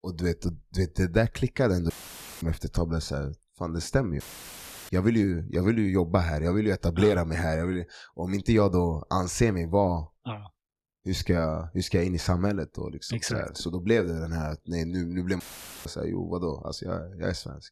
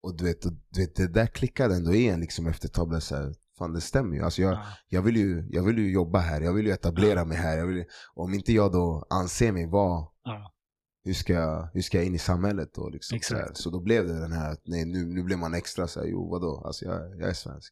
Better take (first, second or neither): second